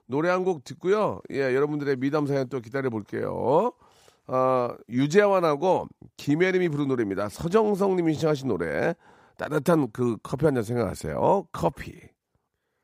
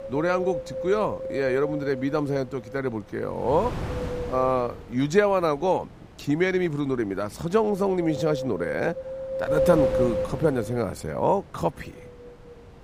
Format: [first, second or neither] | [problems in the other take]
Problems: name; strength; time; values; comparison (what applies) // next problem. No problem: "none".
first | wind noise on the microphone; heavy; 4 dB below the speech